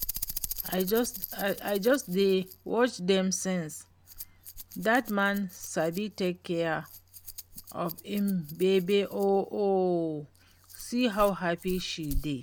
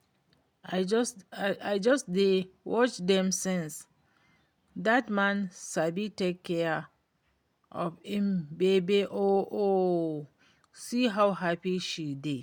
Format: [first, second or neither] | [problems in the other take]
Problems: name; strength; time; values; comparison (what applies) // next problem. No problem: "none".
second | background sound (Rattle); 12 dB below the speech